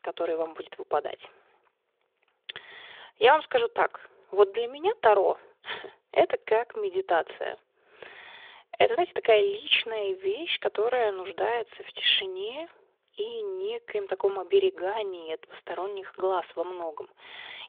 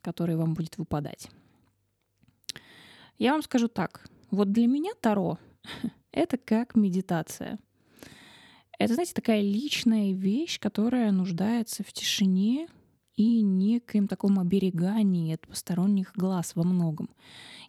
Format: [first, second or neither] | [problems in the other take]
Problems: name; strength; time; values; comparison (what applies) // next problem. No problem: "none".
second | phone-call audio; nothing above 3.5 kHz